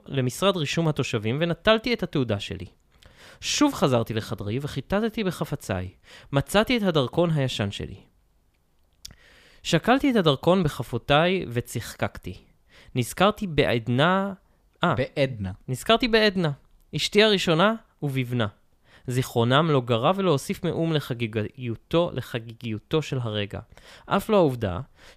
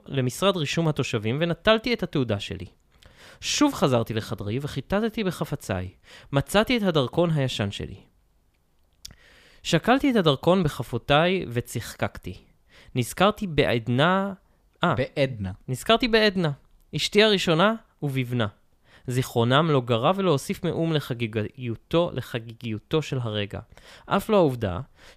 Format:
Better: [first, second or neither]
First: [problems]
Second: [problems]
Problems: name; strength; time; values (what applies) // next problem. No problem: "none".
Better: neither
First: none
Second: none